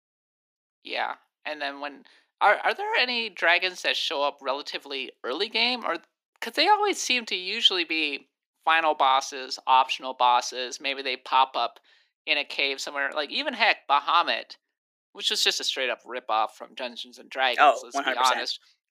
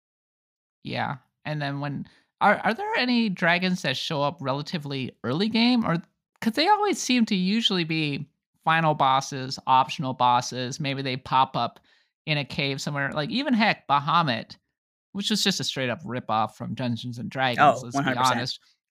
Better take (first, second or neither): second